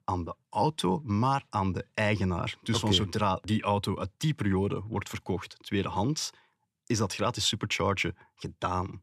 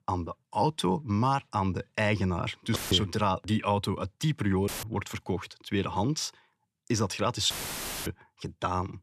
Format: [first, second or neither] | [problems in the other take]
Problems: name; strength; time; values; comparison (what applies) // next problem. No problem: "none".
first | audio cutting out; filled with static; at 3 s, at 4.5 s and at 7.5 s for 0.5 s